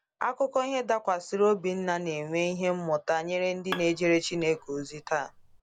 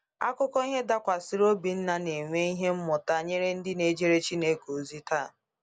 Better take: second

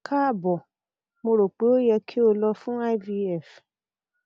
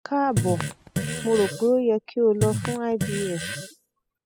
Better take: first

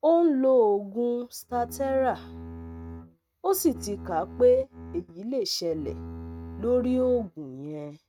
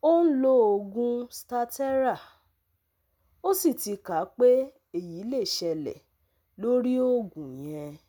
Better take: second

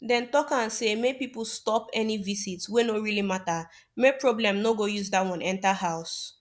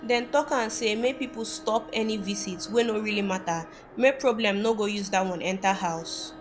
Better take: first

